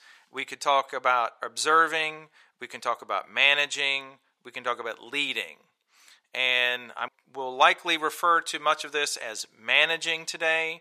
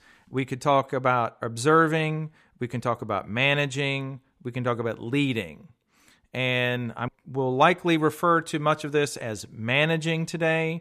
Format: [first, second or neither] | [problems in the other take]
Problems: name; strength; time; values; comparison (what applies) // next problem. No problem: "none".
second | thin; very; fading below 750 Hz